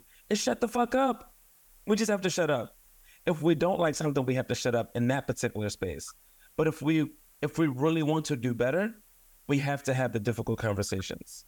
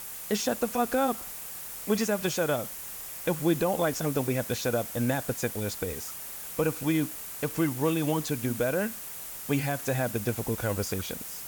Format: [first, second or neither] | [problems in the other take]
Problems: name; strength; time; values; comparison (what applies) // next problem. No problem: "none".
first | hiss; loud; throughout; 7 dB below the speech; faint in the first